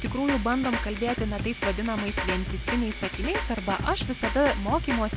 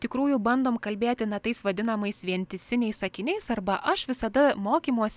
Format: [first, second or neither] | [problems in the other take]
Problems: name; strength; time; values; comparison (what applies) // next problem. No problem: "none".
second | background sound (Drum kit); 3 dB below the speech